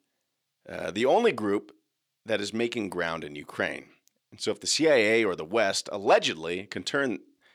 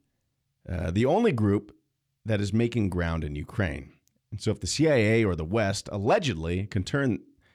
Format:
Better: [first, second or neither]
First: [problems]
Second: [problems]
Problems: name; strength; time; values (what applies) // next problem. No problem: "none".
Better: second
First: thin; somewhat; fading below 400 Hz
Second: none